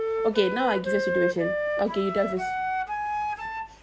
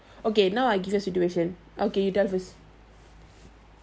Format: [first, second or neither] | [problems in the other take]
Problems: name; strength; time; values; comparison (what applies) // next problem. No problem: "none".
second | background sound (Wind instrument, woodwind instrument); as loud as the speech